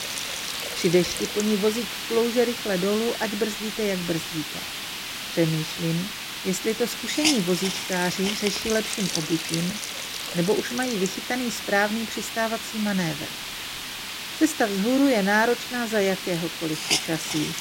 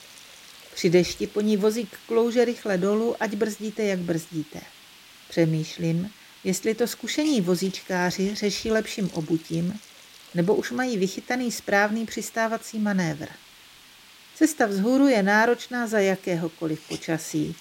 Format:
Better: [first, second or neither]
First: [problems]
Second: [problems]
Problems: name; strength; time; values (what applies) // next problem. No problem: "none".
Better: second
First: hiss; loud; throughout; 3 dB below the speech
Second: hiss; faint; throughout; 20 dB below the speech